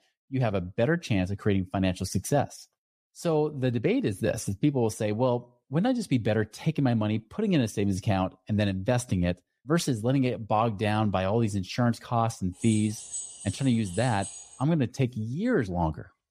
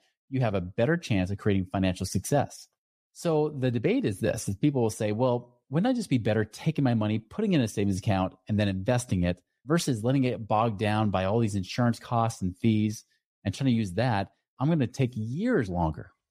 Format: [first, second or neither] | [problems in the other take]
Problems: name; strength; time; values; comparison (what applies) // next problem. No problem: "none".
second | jangling keys; noticeable; from 13 to 15 s; peak 8 dB below the speech